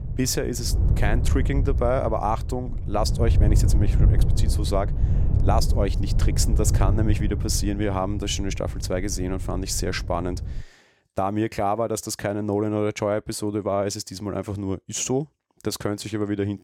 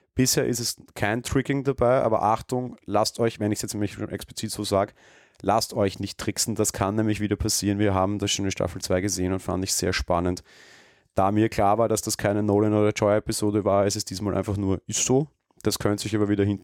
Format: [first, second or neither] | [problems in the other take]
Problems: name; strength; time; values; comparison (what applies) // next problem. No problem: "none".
second | wind noise on the microphone; occasional gusts; until 11 s; 10 dB below the speech